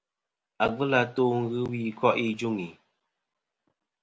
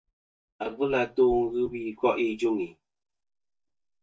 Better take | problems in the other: first | noise reduction (neural mask model DeepFilterNet 3)

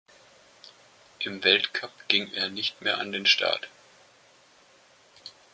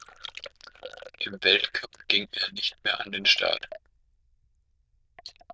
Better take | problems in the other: first | noise reduction (neural diffusion model UNIVERSE++)

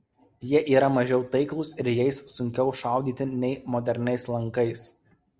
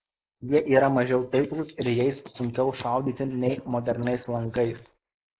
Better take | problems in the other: first | noise reduction (neural mask model Resemble Enhance denoiser)

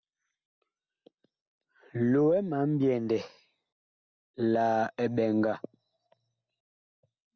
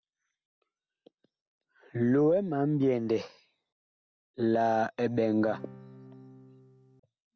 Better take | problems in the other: first | background sound (Acoustic guitar / Strum); 19 dB below the speech

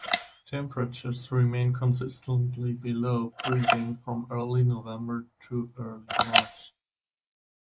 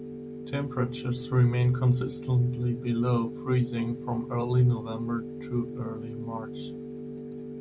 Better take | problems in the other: second | noise reduction (neural mask model Resemble Enhance denoiser)

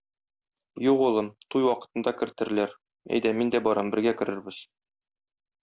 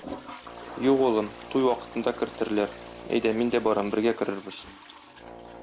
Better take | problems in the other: first | background sound (Toilet flush + Brass instrument); 15 dB below the speech

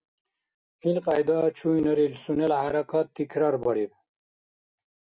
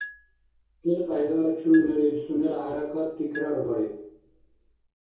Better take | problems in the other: first | background sound (Marimba, xylophone); 19 dB below the speech // room echo; dies away in 0.6 s

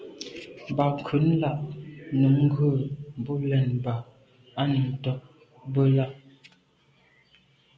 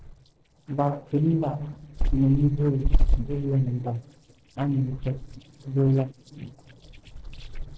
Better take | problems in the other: first | noise reduction (neural separator model SepFormer DNS4)

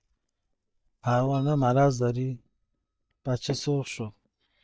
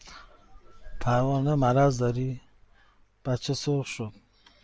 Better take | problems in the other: second | noise reduction (neural mask model DeepFilterNet 3)

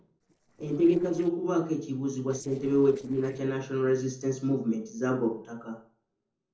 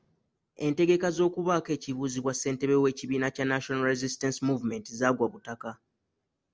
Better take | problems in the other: second | noise reduction (neural separator model SepFormer DNS4)

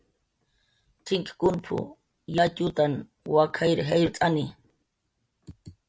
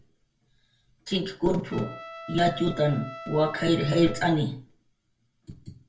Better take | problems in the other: first | background sound (Trumpet); 16 dB below the speech // room echo; dies away in 0.3 s

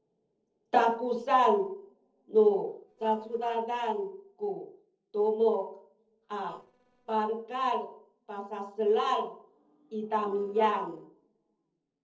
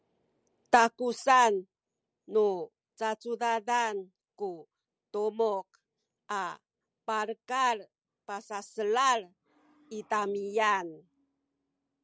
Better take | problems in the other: second | noise reduction (neural separator model SepFormer DNS4)

